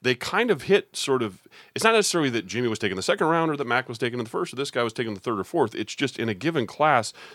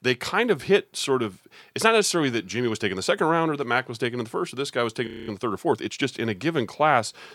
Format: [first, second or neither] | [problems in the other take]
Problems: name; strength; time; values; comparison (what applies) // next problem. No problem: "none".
first | audio freezing; at 5 s